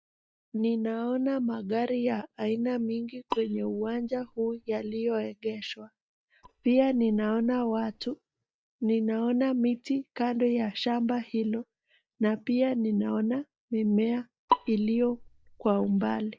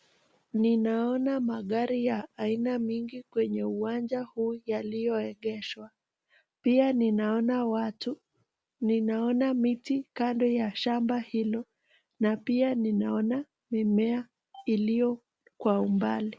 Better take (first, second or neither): second